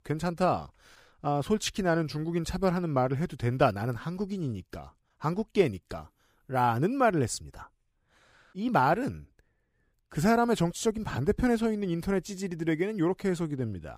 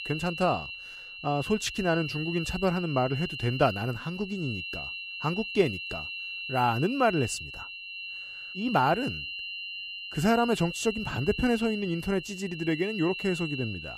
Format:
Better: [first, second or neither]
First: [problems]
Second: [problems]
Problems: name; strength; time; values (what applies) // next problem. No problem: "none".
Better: first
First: none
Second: high-pitched whine; loud; throughout; 2.5 kHz, 7 dB below the speech